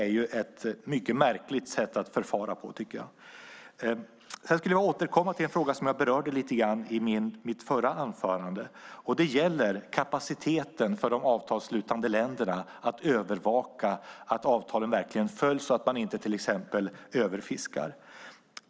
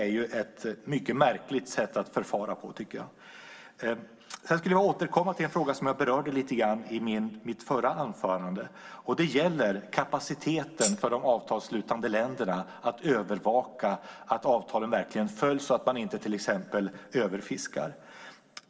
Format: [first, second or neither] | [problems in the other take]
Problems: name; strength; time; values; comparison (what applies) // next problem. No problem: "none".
first | background sound (Tambourine); 5 dB below the speech // room echo; dies away in 1.7 s